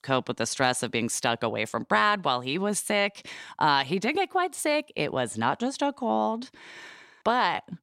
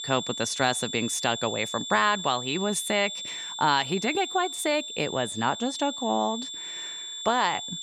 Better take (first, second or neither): first